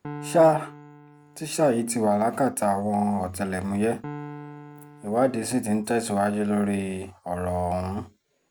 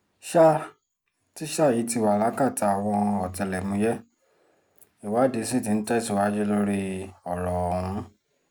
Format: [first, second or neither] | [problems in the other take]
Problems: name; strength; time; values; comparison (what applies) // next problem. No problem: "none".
second | background sound (Piano); 18 dB below the speech